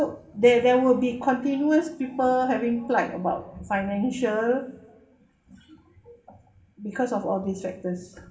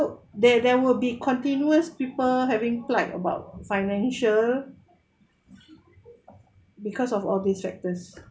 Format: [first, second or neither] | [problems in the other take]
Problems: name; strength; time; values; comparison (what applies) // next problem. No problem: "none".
second | room echo; dies away in 1.6 s